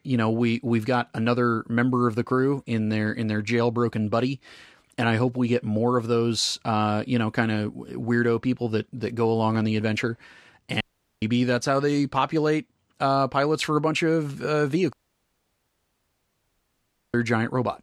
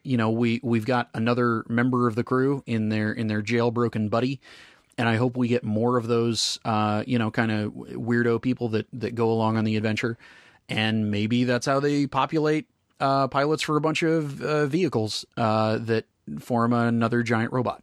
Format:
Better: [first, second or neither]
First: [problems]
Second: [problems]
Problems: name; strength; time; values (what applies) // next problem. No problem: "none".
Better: second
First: audio cutting out; at 11 s and at 15 s for 2 s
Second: none